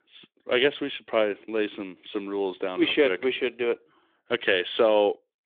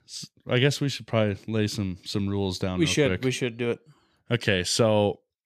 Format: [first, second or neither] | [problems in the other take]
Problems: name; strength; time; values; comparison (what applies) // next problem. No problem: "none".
second | phone-call audio; nothing above 3.5 kHz